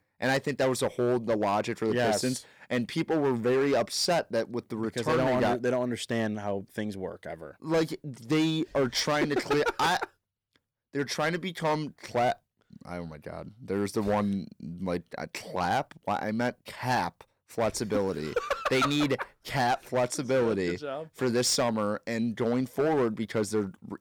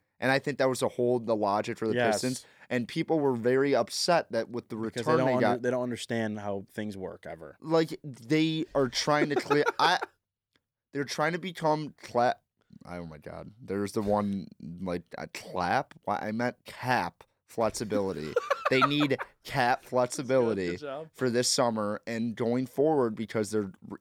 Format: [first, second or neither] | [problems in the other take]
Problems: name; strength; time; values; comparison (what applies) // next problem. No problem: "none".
second | distortion; slight; 7% of the sound clipped